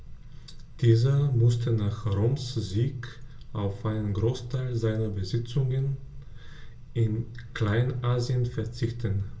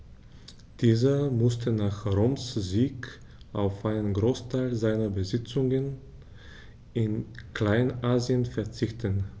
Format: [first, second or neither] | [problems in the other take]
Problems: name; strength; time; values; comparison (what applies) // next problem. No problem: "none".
second | room echo; dies away in 0.2 s